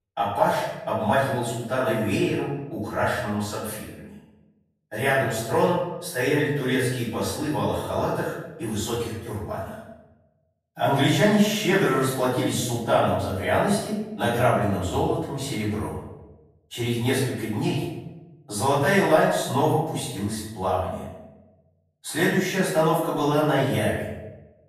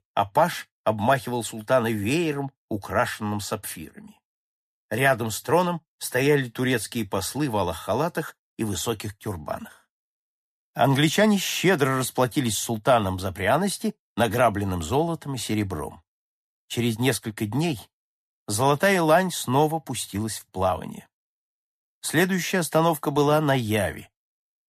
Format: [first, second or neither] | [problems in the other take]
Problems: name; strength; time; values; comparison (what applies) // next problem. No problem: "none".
second | off-mic speech; far // room echo; noticeable; dies away in 0.8 s